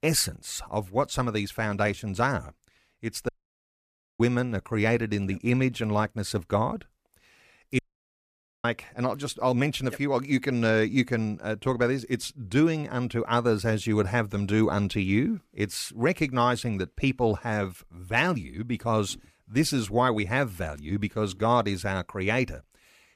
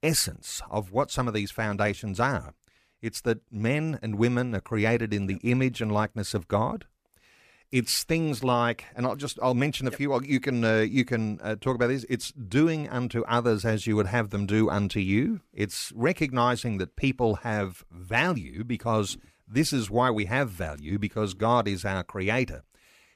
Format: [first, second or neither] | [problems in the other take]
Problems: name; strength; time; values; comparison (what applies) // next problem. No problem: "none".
second | audio cutting out; at 3.5 s for 1 s and at 8 s for 1 s